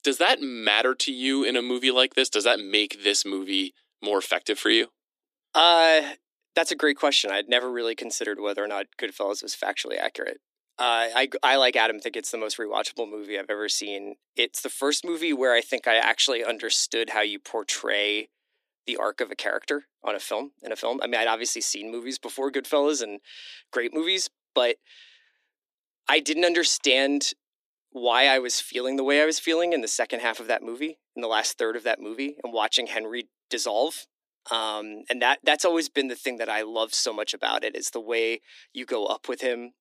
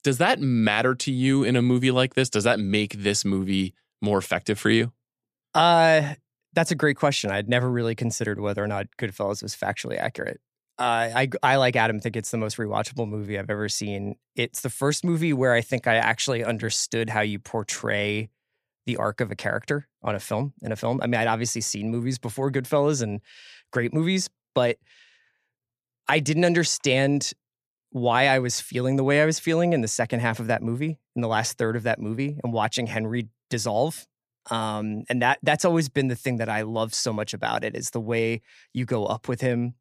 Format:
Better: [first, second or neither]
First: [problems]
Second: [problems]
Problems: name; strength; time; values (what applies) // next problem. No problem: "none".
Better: second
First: thin; somewhat; fading below 300 Hz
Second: none